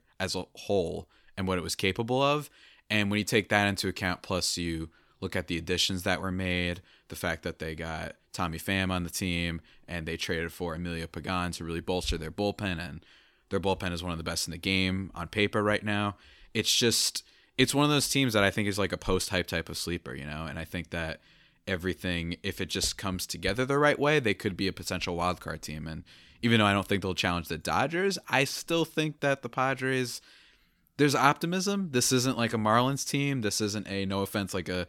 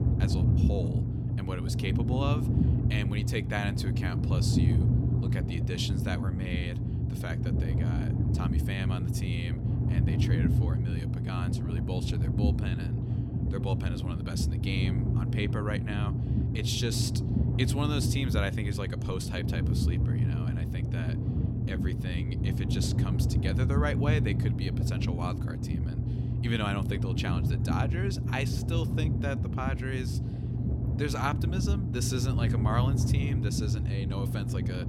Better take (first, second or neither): first